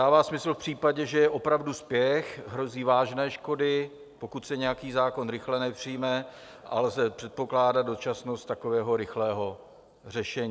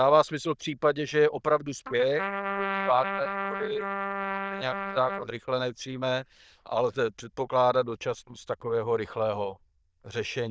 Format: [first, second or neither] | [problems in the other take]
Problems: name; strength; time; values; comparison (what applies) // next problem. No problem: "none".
first | noise reduction (neural diffusion model UNIVERSE++)